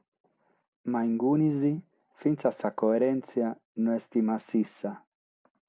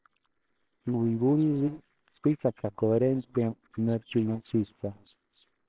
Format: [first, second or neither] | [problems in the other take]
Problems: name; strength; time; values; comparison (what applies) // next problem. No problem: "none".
first | noise reduction (neural separator model SepFormer WHAMR!)